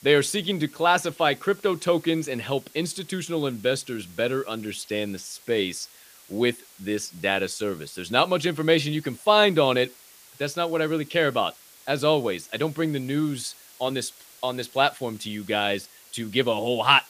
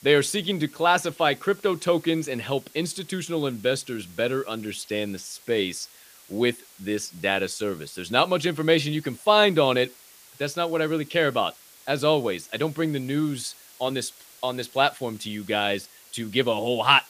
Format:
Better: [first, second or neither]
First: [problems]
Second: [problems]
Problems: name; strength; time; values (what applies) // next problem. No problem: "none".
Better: neither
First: hiss; faint; throughout; 25 dB below the speech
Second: hiss; faint; throughout; 25 dB below the speech